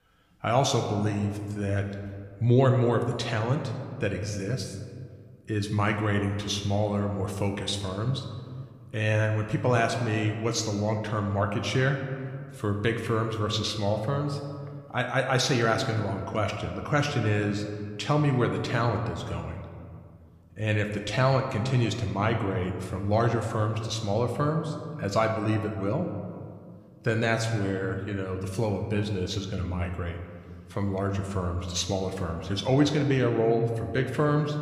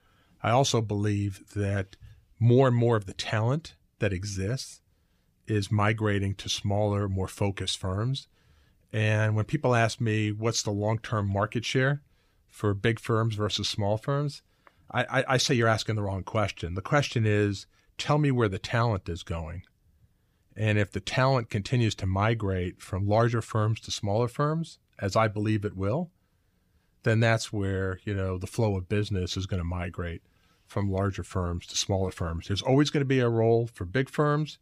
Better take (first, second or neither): second